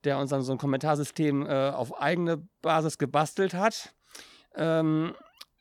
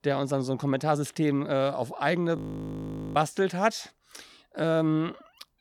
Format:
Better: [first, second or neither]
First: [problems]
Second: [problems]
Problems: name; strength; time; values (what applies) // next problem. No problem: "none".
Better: first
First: none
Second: audio freezing; at 2.5 s for 1 s